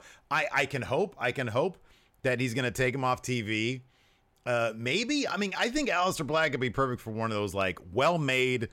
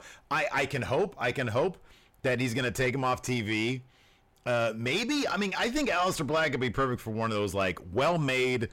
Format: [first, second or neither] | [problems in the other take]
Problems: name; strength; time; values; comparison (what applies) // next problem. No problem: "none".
first | distortion; slight; 10 dB below the speech